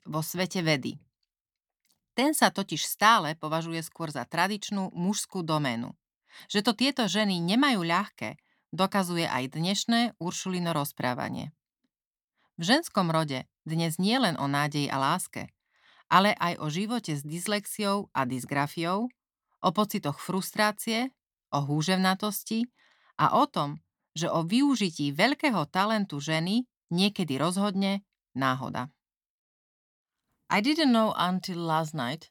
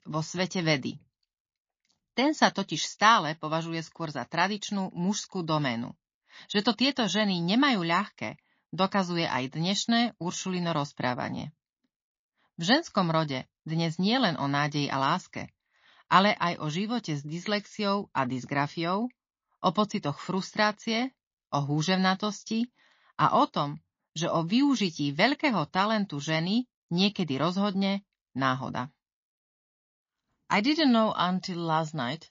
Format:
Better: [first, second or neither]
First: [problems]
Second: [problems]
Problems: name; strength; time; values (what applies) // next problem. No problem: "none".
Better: first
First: none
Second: garbled, watery; slightly